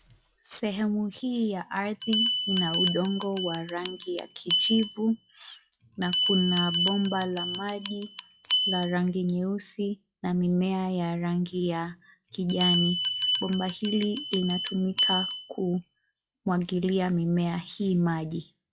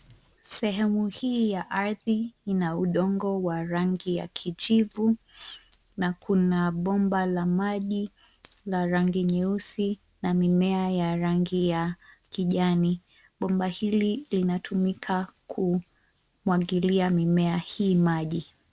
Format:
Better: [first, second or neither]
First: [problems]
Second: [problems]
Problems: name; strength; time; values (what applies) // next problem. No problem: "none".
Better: second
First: noise reduction (classical method log-MMSE)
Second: none